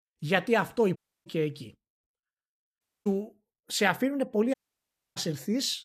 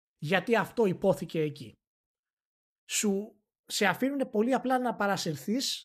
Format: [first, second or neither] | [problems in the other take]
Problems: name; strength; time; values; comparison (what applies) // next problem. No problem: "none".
second | audio cutting out; at 1 s, at 3 s and at 4.5 s for 0.5 s